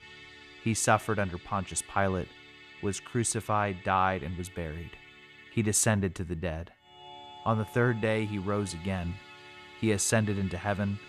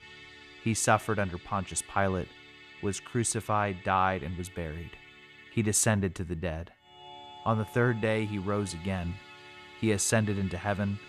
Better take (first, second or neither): neither